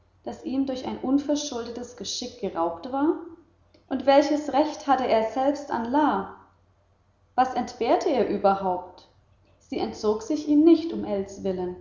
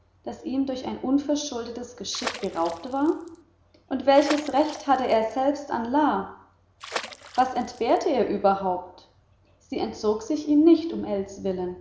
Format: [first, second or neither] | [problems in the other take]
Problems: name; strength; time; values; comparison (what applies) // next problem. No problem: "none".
first | background sound (Water / Splash, splatter); 13 dB below the speech